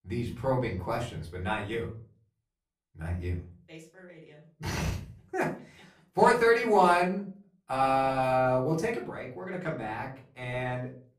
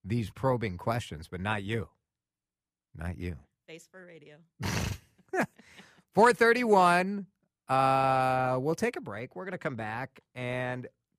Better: second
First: room echo; slight; dies away in 0.3 s // off-mic speech; far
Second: none

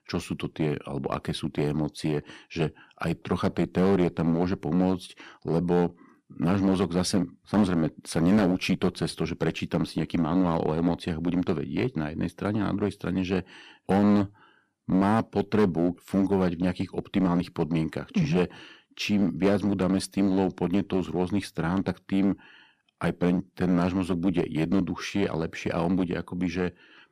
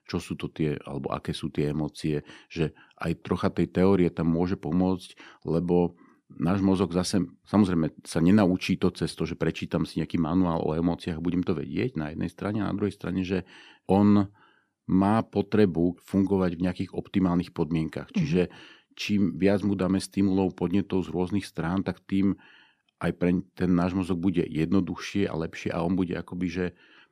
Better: second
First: distortion; slight; 5% of the sound clipped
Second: none

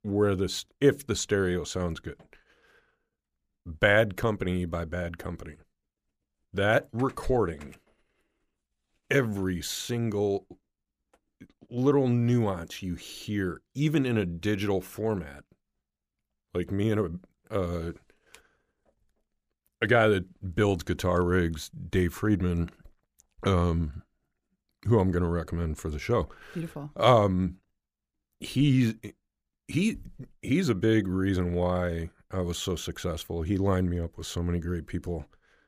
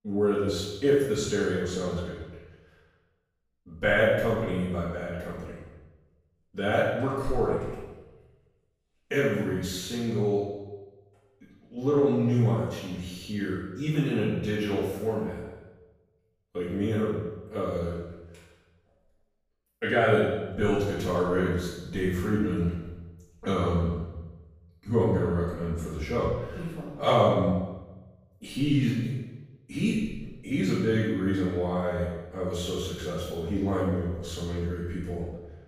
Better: first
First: none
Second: off-mic speech; far // room echo; strong; dies away in 1 s

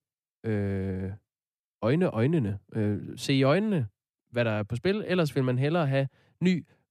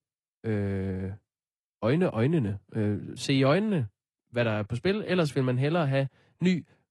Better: first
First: none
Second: garbled, watery; slightly; nothing above 11 kHz

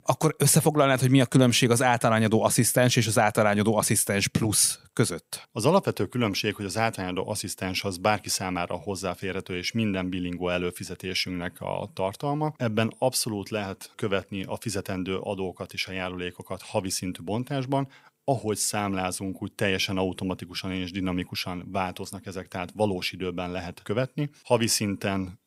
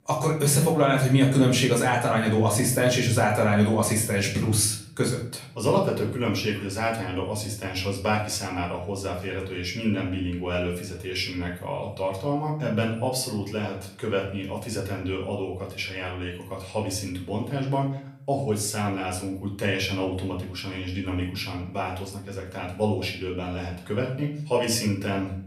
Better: first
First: none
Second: off-mic speech; far // room echo; slight; dies away in 0.5 s

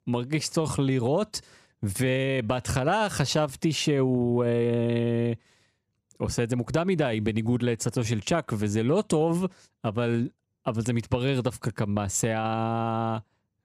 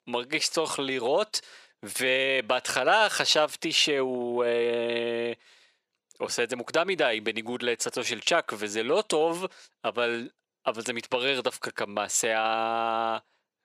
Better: first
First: none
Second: thin; very; fading below 500 Hz

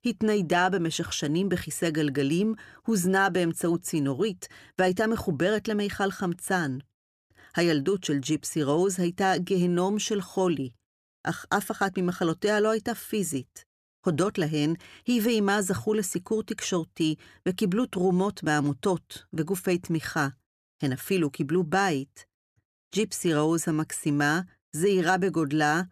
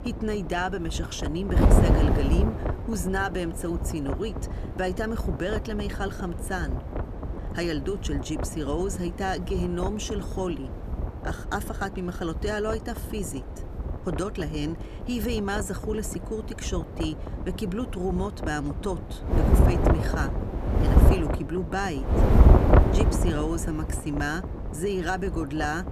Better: first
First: none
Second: wind noise on the microphone; heavy; 2 dB below the speech

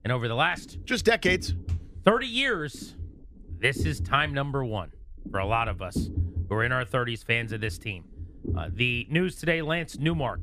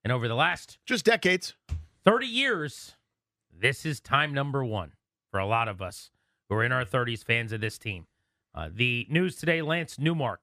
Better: second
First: low rumble; faint; throughout; 20 dB below the speech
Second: none

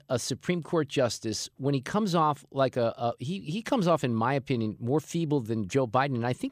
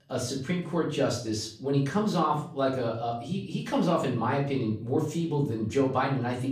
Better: first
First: none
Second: room echo; slight; dies away in 0.4 s // off-mic speech; far

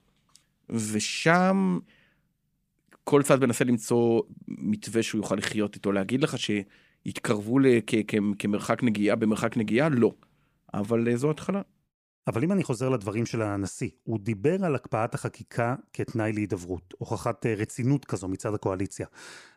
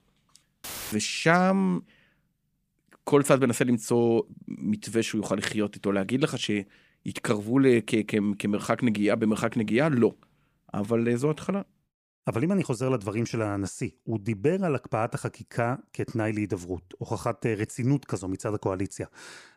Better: first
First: none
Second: audio cutting out; filled with static; at 0.5 s

